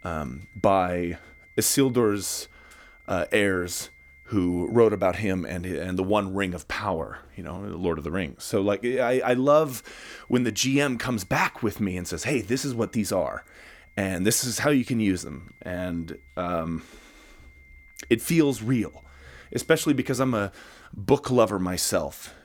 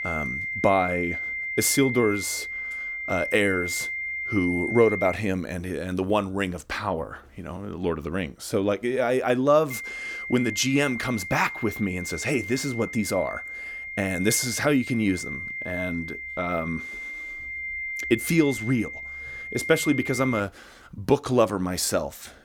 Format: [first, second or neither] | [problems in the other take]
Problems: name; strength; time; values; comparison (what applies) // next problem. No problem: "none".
first | high-pitched whine; loud; until 5 s and from 9.5 to 20 s; 2 kHz, 6 dB below the speech; faint in the first